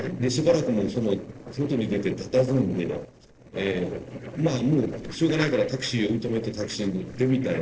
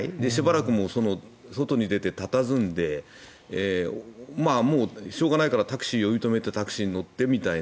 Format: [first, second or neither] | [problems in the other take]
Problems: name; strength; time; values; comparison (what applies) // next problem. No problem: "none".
second | noise reduction (neural separator model SepFormer DNS4)